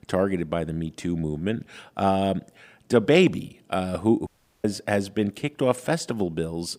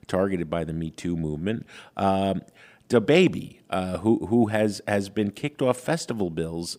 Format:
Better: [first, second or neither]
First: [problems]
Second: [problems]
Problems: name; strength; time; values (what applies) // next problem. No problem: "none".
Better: second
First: audio cutting out; at 4.5 s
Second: none